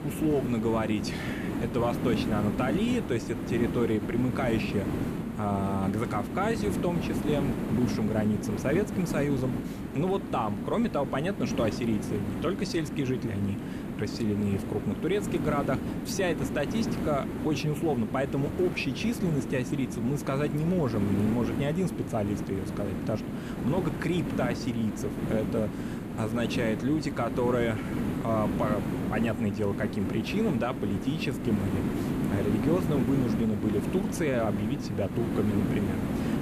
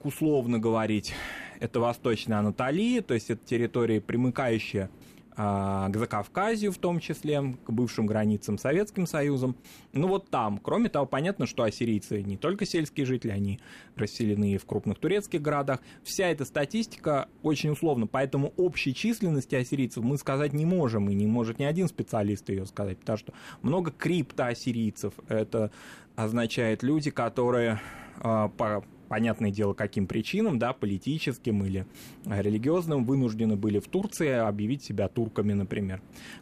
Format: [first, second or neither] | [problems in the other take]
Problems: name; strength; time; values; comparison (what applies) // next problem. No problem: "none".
second | hiss; loud; throughout; 2 dB below the speech; faint in the second